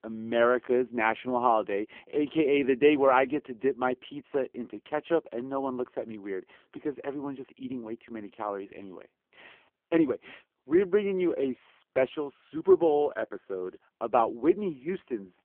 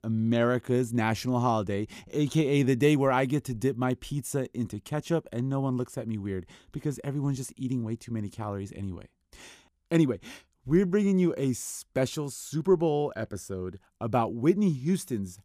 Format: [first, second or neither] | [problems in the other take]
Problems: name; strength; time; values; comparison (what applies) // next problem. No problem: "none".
second | phone-call audio; poor line; nothing above 3 kHz